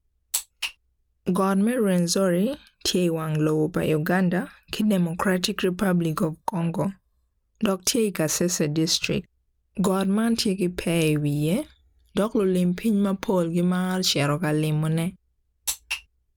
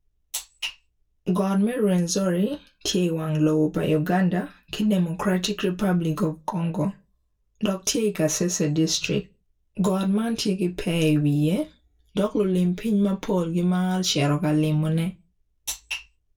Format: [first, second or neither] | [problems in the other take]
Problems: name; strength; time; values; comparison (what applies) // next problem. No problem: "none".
first | room echo; dies away in 0.2 s